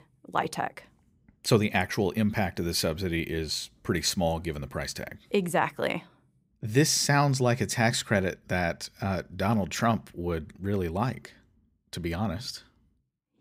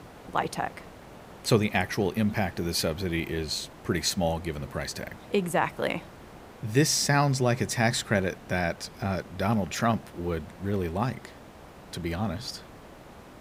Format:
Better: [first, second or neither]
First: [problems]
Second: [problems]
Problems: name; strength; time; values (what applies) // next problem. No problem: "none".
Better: first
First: none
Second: hiss; noticeable; throughout; 20 dB below the speech